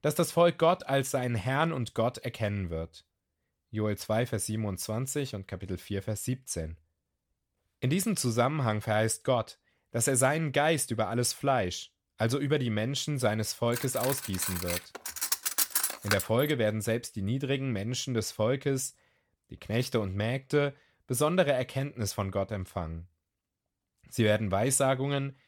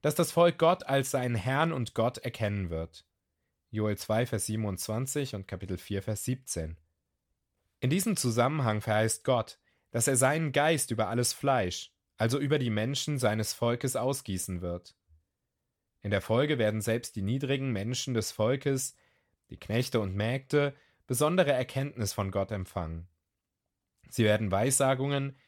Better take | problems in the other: second | clattering dishes; loud; from 14 to 16 s; peak 4 dB above the speech

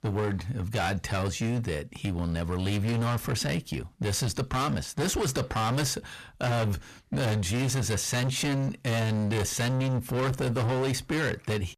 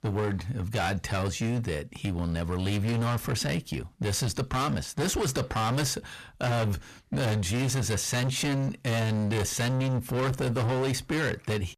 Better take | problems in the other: neither | distortion; heavy; 28% of the sound clipped; the same in both

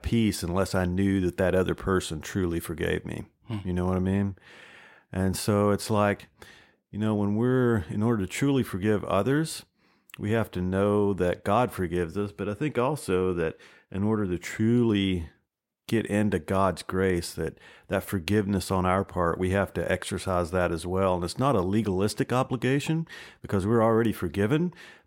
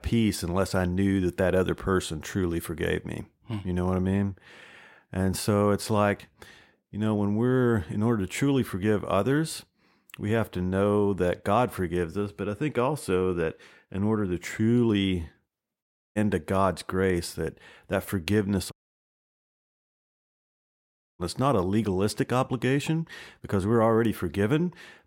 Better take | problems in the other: first | audio cutting out; at 16 s and at 19 s for 2.5 s

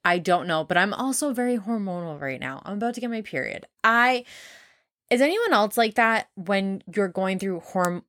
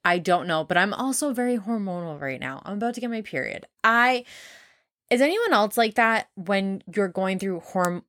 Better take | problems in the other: neither | none

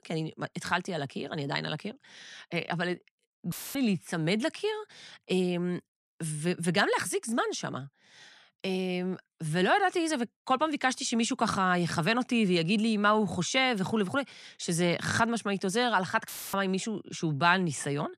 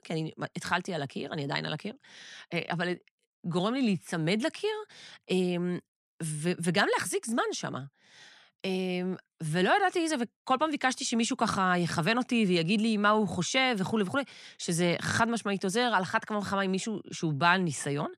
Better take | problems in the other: second | audio cutting out; filled with static; at 3.5 s and at 16 s

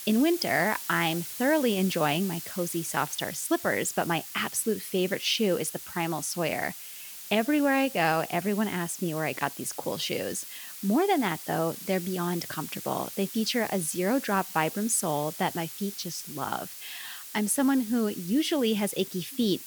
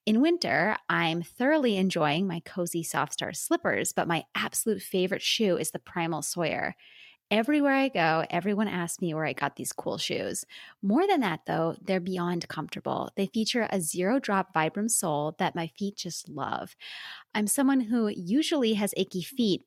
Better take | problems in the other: second | hiss; noticeable; throughout; 10 dB below the speech

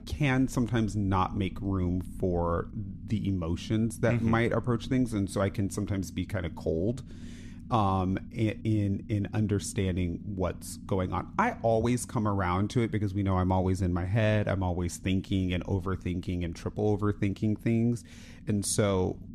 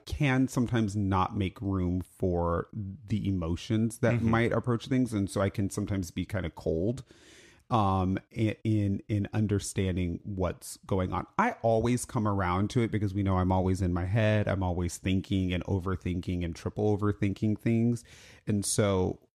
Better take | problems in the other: second | low rumble; faint; throughout; 20 dB below the speech

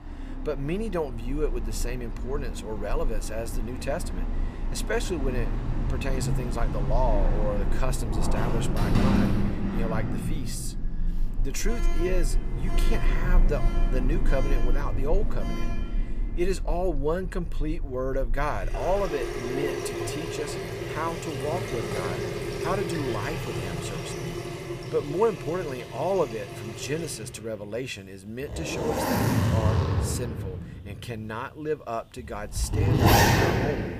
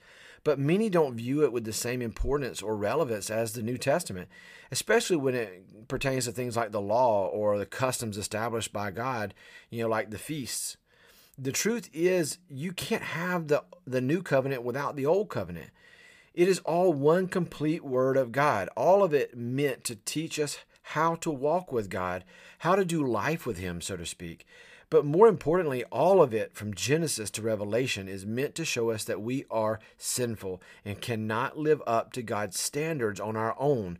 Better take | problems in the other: second | household noises; very loud; throughout; 3 dB above the speech

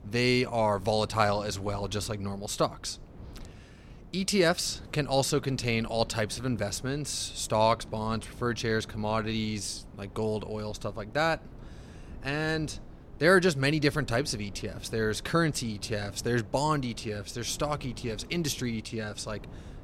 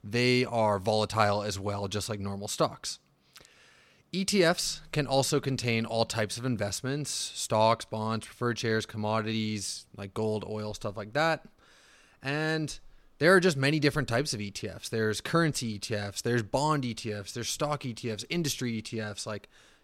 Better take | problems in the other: second | wind noise on the microphone; occasional gusts; 25 dB below the speech

